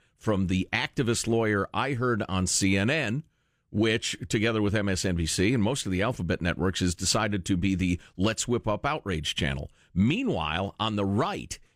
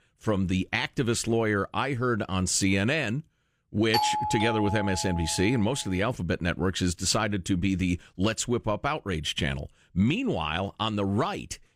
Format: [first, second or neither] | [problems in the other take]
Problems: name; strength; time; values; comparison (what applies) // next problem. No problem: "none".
first | doorbell; loud; from 4 to 5.5 s; peak 1 dB above the speech